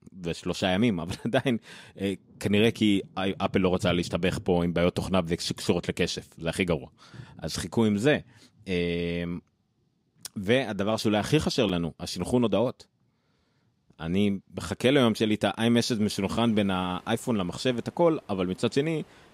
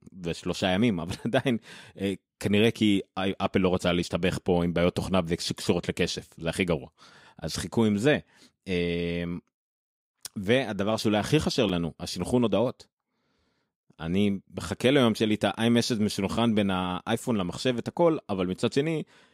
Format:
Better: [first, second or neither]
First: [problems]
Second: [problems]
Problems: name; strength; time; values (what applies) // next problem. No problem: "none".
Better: second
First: rain or running water; faint; throughout; 20 dB below the speech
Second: none